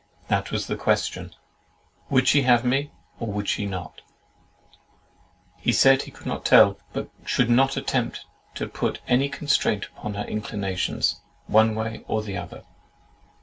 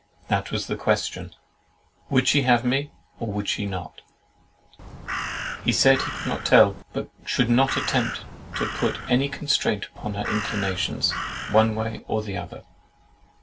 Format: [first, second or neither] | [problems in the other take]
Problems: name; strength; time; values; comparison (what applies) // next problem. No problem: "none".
first | background sound (Crow); 7 dB below the speech